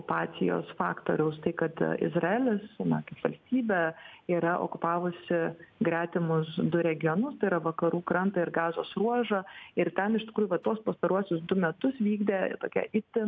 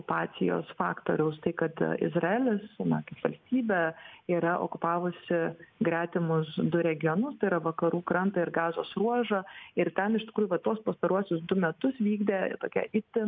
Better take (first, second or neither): first